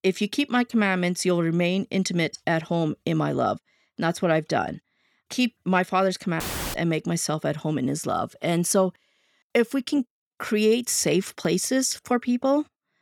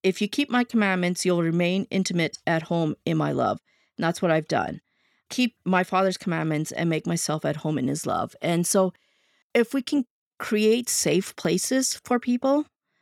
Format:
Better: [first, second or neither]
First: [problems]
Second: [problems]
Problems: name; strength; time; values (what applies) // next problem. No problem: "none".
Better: second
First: audio cutting out; filled with static; at 6.5 s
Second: none